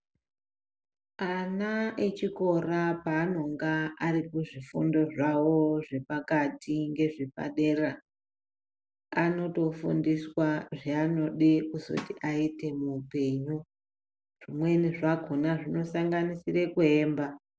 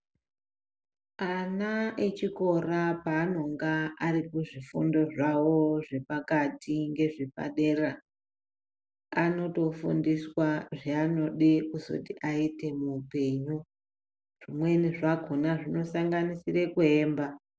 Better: second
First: background sound (Drum); 17 dB below the speech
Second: none

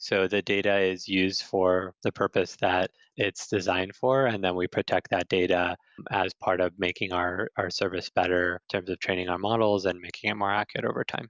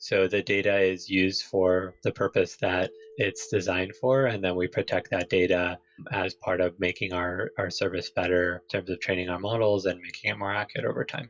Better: first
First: none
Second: noise reduction (classical method WPE with log-MMSE)

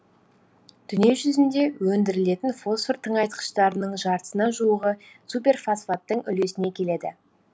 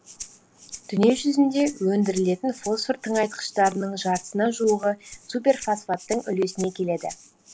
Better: first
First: none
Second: background sound (Rattle (instrument)); 19 dB below the speech

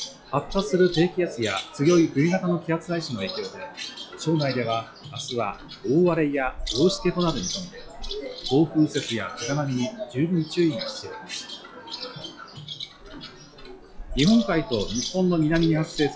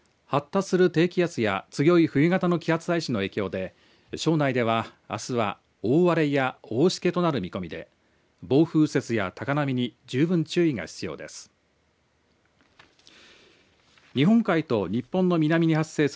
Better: second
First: noise reduction (classical method log-MMSE)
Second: none

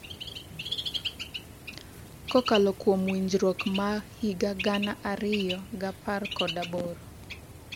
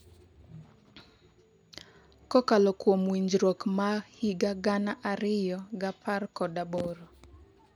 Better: second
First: background sound (Bird); 9 dB below the speech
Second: none

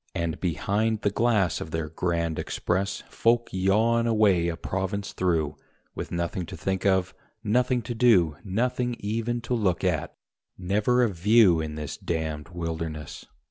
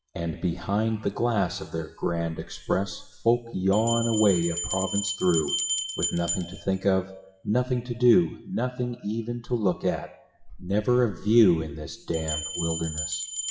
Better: first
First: none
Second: noise reduction (classical method WPE with log-MMSE)

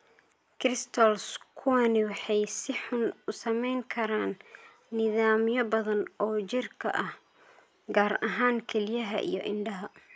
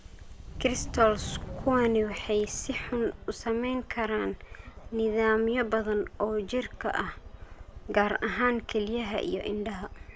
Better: first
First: none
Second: background sound (Subway, metro, underground + Aircraft); 13 dB below the speech

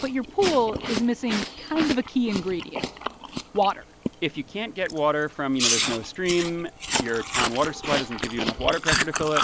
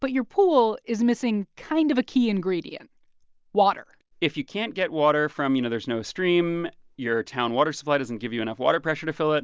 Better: second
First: background sound (Chewing, mastication); 3 dB below the speech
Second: none

